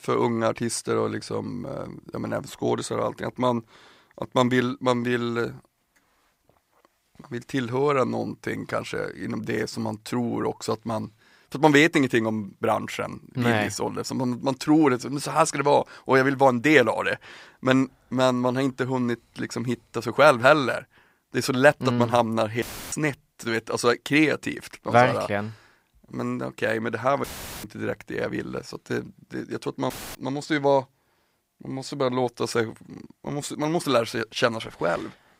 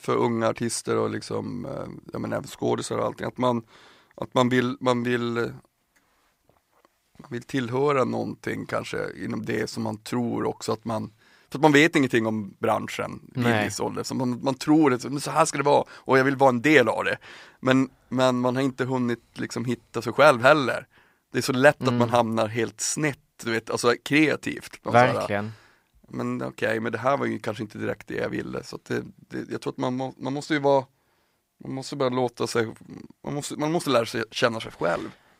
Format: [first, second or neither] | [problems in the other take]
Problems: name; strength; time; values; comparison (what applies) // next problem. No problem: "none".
second | audio cutting out; filled with static; at 23 s, at 27 s and at 30 s